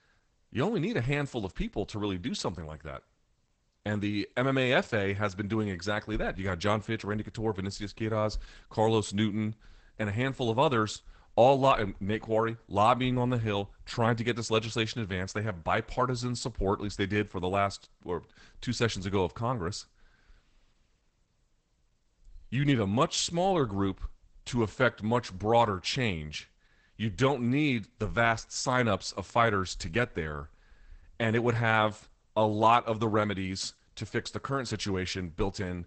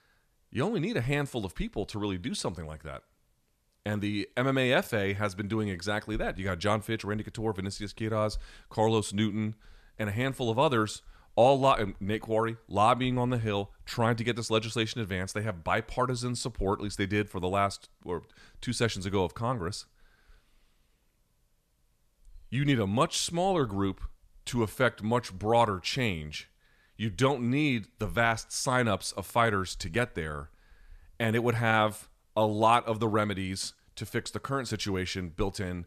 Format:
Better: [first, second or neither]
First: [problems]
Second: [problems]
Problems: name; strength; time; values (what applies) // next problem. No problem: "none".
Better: second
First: garbled, watery; badly; nothing above 8 kHz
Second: none